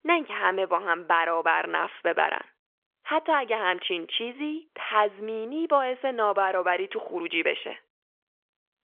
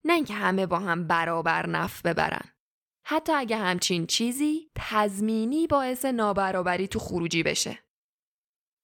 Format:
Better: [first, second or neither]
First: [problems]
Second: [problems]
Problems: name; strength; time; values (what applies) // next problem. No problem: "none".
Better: second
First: phone-call audio; nothing above 3.5 kHz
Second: none